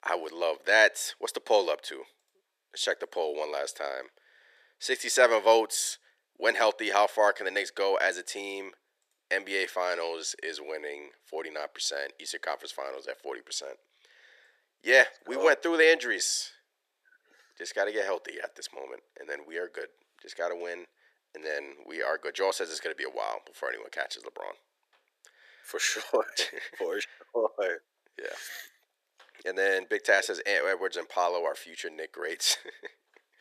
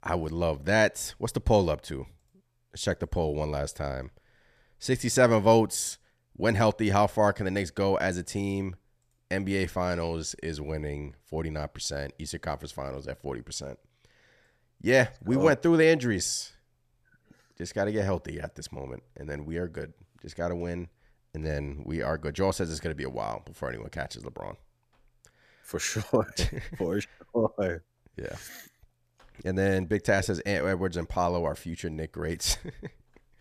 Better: second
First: thin; very; fading below 400 Hz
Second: none

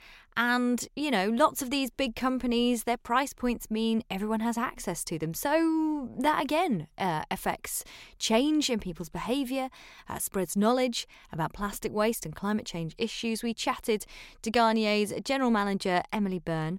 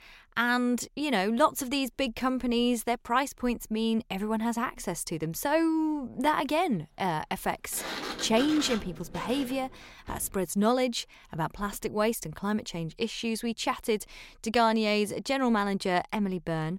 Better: first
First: none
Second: door banging; noticeable; from 7.5 to 10 s; peak 6 dB below the speech

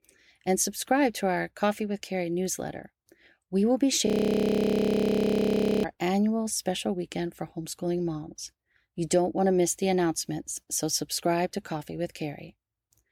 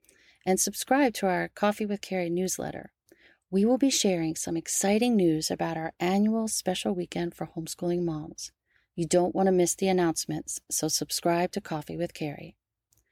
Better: second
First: audio freezing; at 4 s for 2 s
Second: none

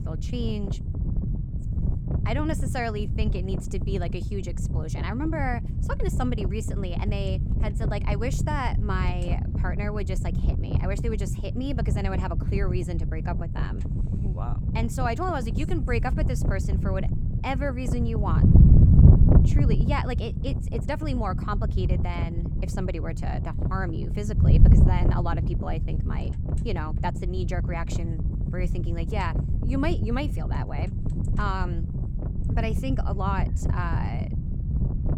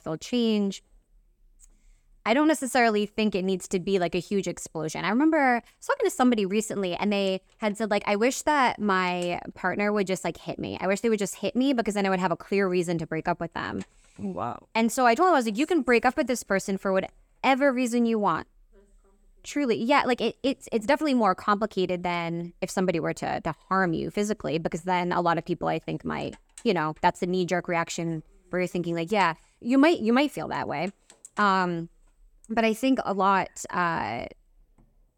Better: second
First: wind noise on the microphone; heavy; 5 dB below the speech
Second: none

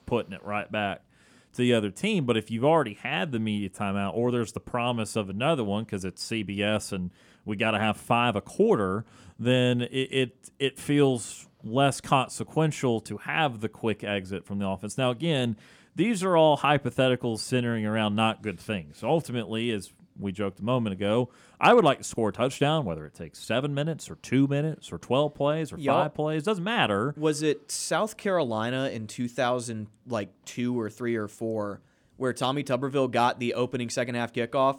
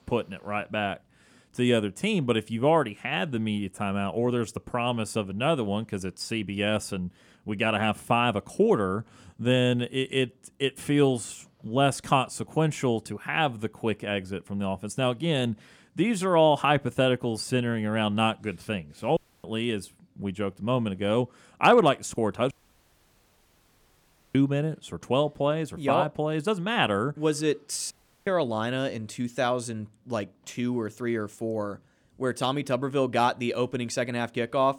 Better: first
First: none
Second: audio cutting out; at 19 s, at 23 s for 2 s and at 28 s

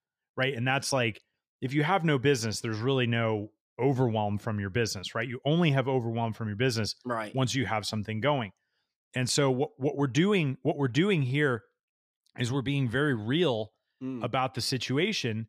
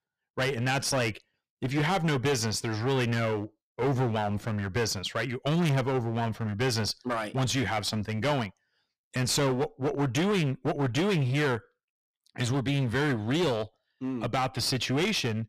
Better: first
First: none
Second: distortion; heavy; 18% of the sound clipped

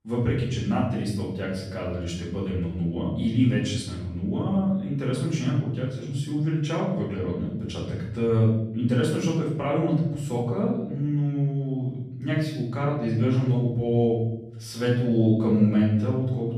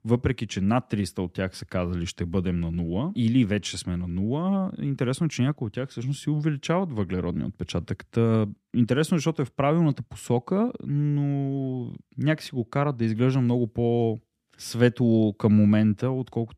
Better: second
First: off-mic speech; far // room echo; noticeable; dies away in 0.8 s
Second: none

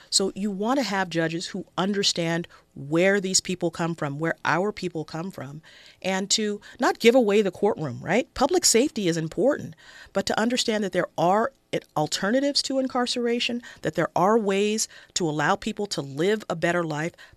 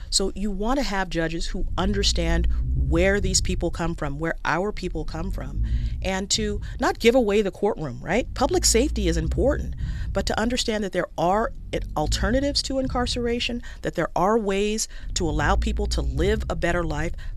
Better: first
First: none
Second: low rumble; faint; throughout; 25 dB below the speech

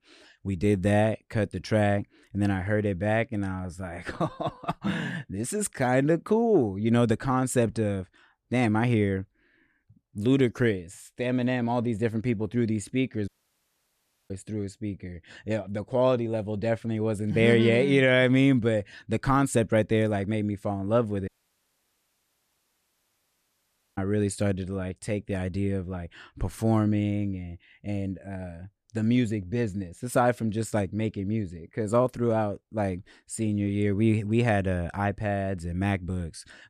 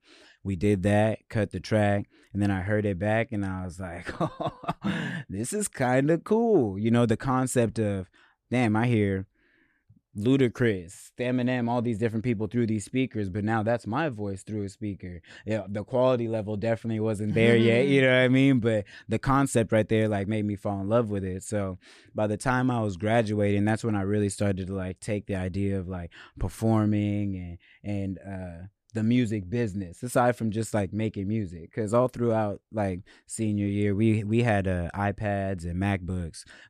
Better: second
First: audio cutting out; at 13 s for 1 s and at 21 s for 2.5 s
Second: none

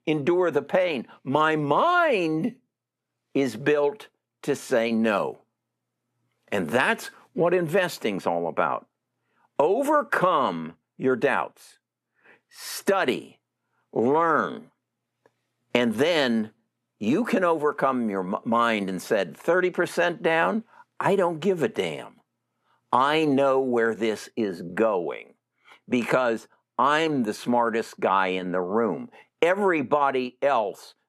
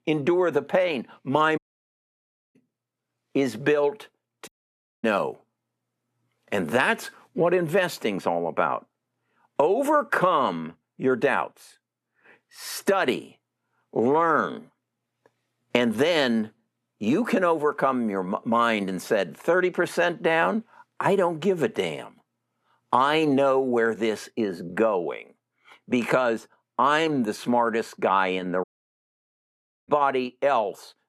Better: first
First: none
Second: audio cutting out; at 1.5 s for 1 s, at 4.5 s for 0.5 s and at 29 s for 1 s

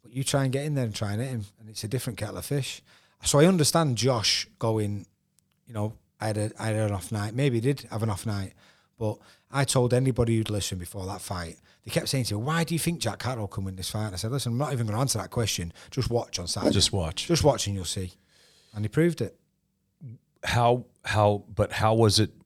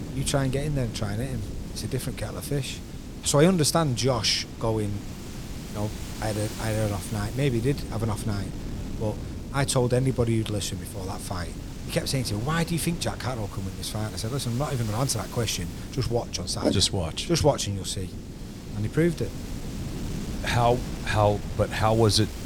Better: first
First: none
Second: wind noise on the microphone; occasional gusts; 15 dB below the speech

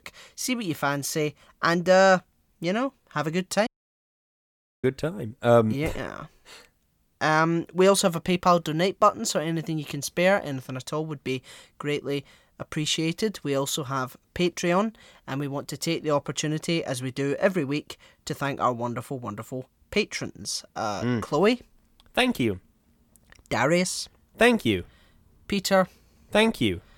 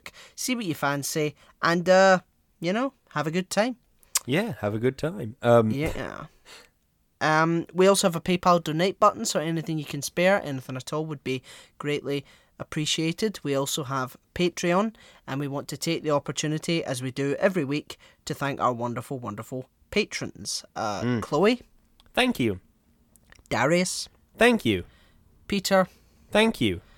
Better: second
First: audio cutting out; at 3.5 s for 1 s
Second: none

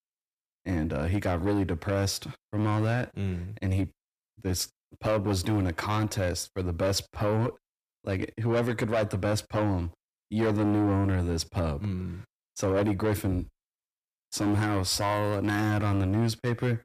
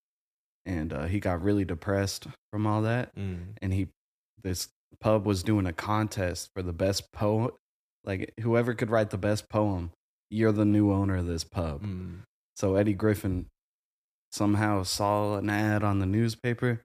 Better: second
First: distortion; heavy; 8 dB below the speech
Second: none

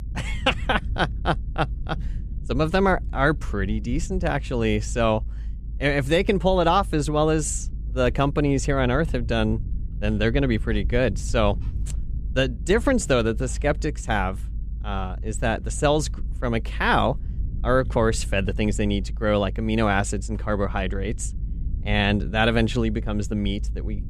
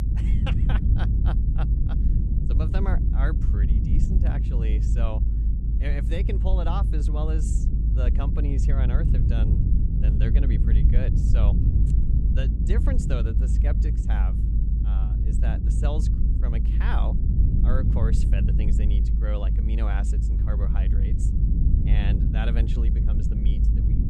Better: first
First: low rumble; faint; throughout; 25 dB below the speech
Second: low rumble; loud; throughout; 1 dB below the speech

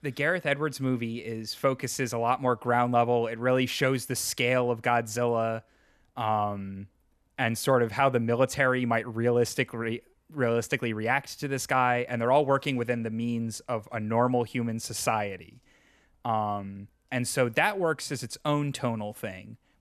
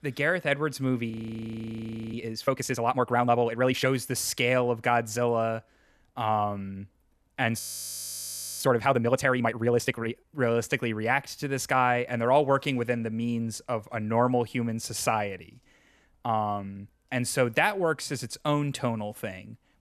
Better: first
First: none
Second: audio freezing; at 1 s for 1 s and at 7.5 s for 1 s

